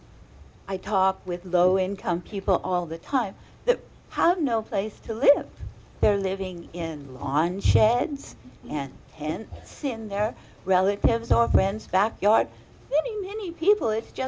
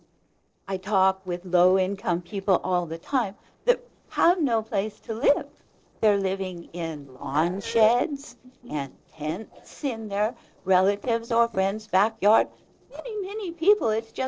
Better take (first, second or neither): first